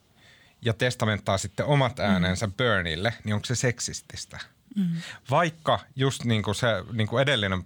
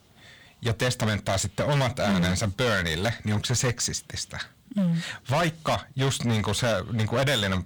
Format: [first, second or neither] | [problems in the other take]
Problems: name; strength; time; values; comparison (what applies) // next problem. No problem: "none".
first | distortion; heavy; 18% of the sound clipped